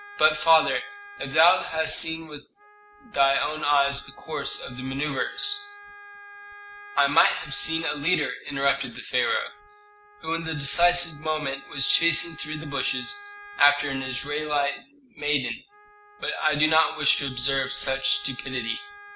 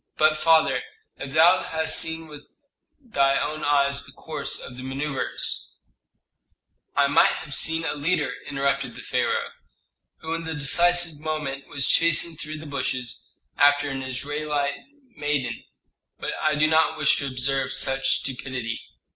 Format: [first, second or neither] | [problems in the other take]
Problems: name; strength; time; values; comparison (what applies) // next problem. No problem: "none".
second | background sound (Wind instrument, woodwind instrument); 19 dB below the speech